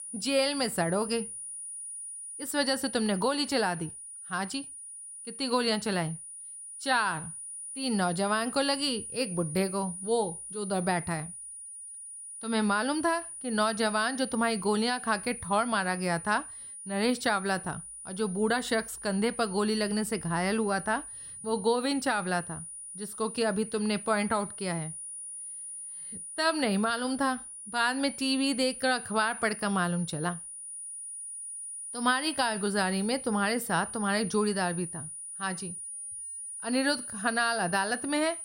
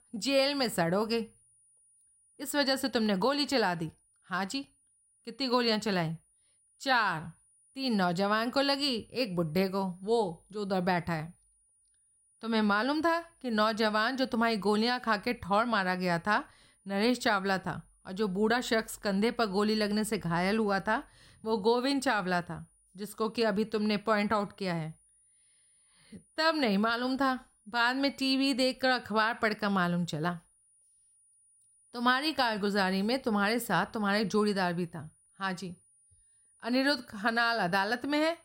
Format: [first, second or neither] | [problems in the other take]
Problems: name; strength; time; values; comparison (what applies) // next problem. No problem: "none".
second | high-pitched whine; loud; throughout; 9.5 kHz, 9 dB below the speech; faint in the second